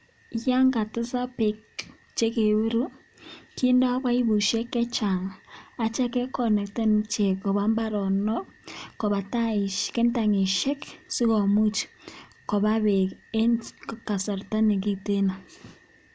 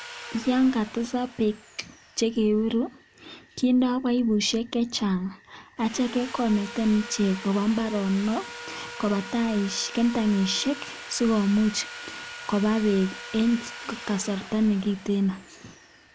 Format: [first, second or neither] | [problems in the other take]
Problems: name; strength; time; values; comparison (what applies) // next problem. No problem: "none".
first | background sound (Sawing); 16 dB below the speech